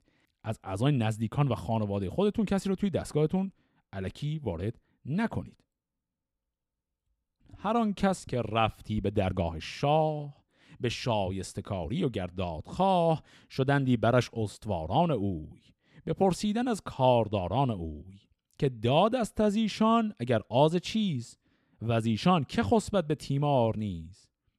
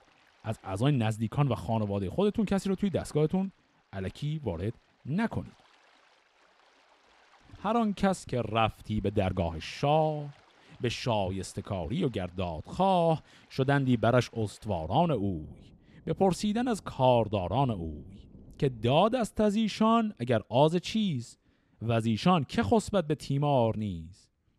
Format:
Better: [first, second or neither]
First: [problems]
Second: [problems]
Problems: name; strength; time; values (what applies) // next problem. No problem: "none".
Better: first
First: none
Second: rain or running water; faint; throughout; 30 dB below the speech